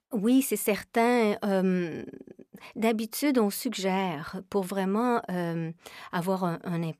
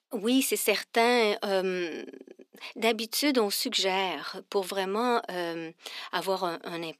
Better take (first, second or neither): first